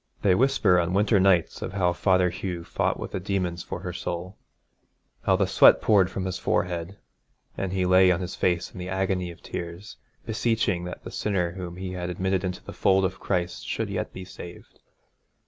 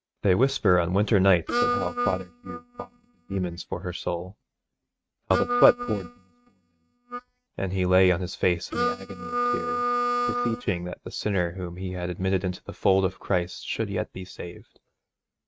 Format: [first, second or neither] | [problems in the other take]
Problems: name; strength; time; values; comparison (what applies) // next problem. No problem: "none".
first | noise reduction (neural mask model RNNoise)